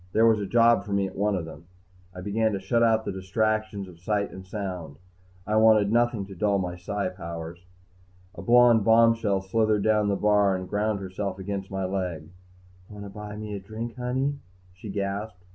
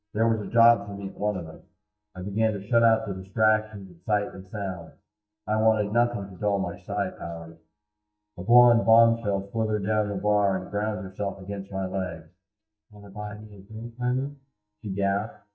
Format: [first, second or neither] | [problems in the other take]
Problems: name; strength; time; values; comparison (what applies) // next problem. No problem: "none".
first | noise reduction (neural mask model DeepFilterNet 3)